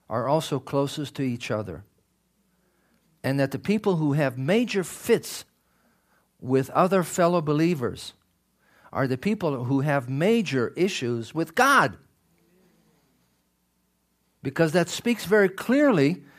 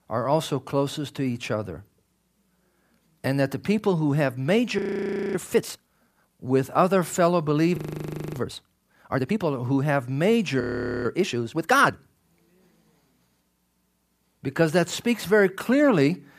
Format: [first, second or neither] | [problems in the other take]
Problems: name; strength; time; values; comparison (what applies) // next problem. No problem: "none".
first | audio freezing; at 5 s for 0.5 s, at 8 s for 0.5 s and at 11 s